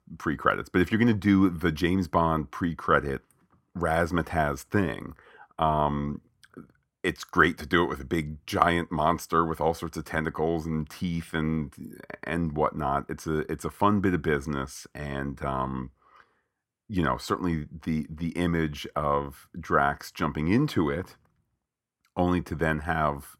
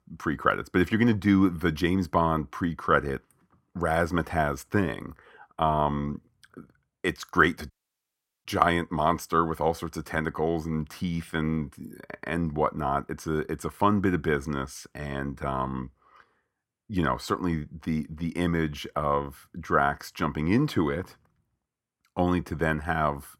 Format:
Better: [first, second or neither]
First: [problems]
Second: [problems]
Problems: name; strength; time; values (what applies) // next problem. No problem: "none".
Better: first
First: none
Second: audio cutting out; at 7.5 s for 0.5 s